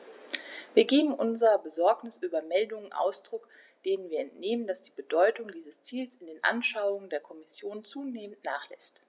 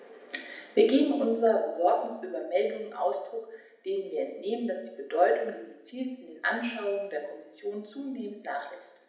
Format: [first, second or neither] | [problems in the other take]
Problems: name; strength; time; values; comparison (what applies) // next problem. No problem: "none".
first | room echo; dies away in 0.8 s